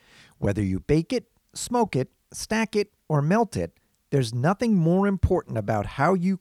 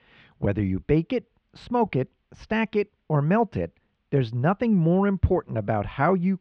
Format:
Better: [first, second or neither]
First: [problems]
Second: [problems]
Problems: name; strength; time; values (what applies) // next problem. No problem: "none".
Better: first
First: none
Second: muffled; very; fading above 3 kHz